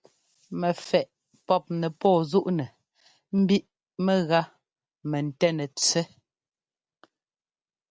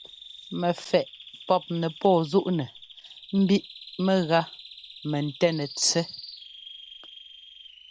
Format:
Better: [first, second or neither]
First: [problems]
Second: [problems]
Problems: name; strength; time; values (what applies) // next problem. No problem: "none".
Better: first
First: none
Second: background sound (Bird vocalization, bird call, bird song); 17 dB below the speech